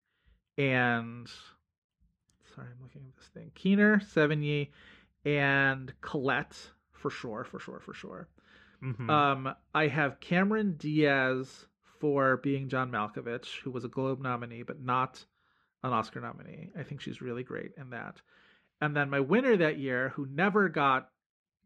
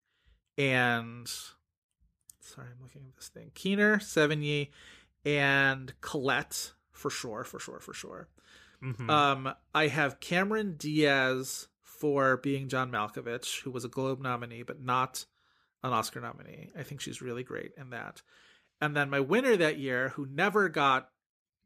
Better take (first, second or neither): second